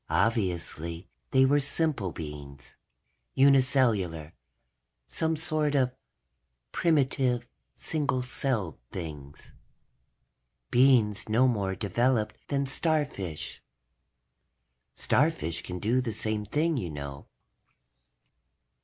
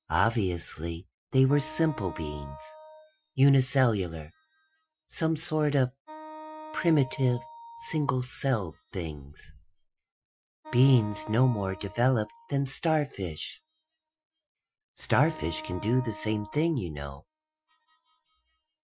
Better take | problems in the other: first | noise reduction (classical method Wiener filter)

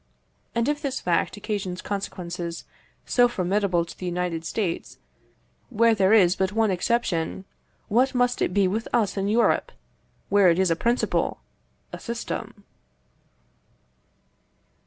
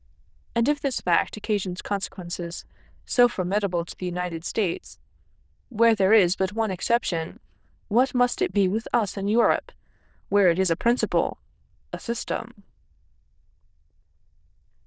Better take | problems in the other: first | noise reduction (neural diffusion model UNIVERSE++)

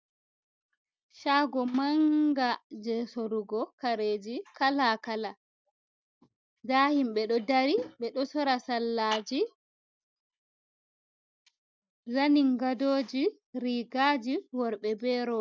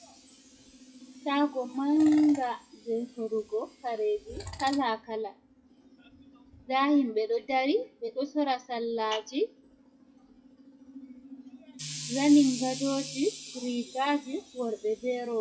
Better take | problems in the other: first | noise reduction (classical method WPE with log-MMSE)

